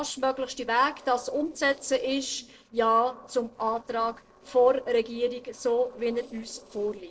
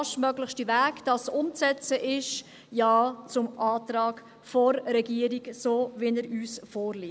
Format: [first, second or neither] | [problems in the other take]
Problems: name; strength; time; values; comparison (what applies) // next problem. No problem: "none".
second | noise reduction (neural separator model SepFormer DNS4)